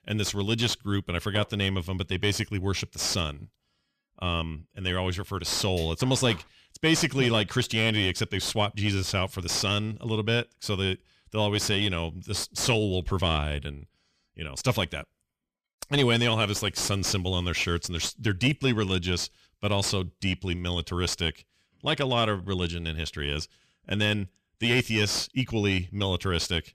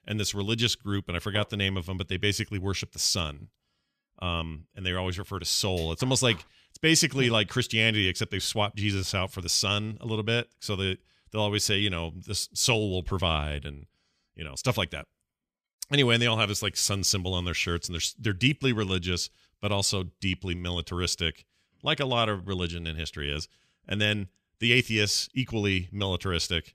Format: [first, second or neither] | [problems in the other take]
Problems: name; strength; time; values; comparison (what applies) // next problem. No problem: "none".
second | distortion; slight; 10 dB below the speech